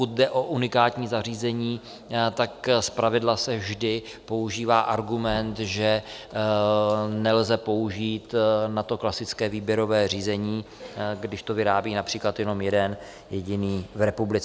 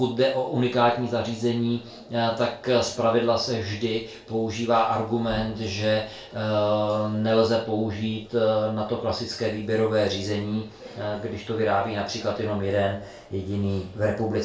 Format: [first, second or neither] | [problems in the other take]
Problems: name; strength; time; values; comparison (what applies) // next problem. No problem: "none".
first | room echo; dies away in 0.3 s